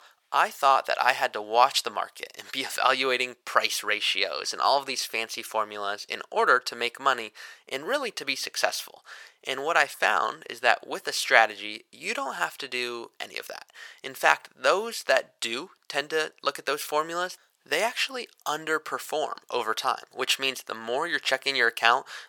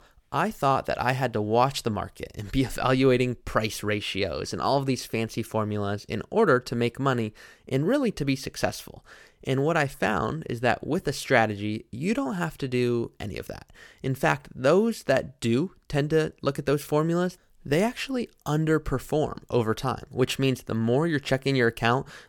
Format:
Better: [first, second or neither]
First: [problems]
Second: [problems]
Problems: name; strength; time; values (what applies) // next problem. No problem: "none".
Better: second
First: thin; very; fading below 850 Hz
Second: none